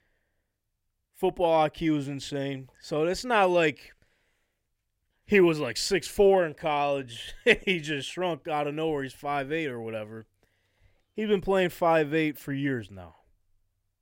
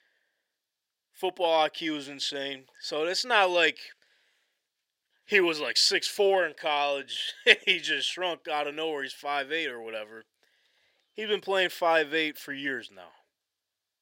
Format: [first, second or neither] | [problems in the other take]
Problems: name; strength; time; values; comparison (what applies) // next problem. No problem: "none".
first | thin; somewhat; fading below 400 Hz